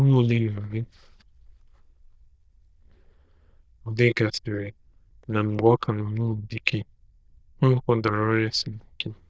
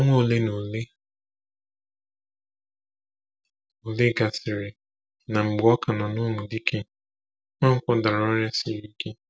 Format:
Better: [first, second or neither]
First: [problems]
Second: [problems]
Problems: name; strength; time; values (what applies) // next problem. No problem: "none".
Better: second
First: noise reduction (neural diffusion model UNIVERSE++)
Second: none